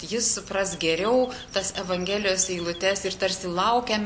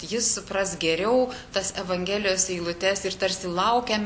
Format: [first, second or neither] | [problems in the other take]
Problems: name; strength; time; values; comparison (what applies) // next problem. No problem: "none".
second | background sound (Chirp, tweet); 19 dB below the speech